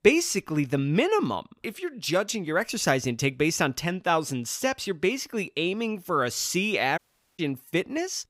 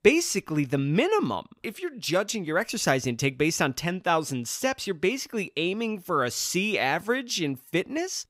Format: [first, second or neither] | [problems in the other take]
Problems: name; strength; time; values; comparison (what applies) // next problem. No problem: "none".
second | audio cutting out; at 7 s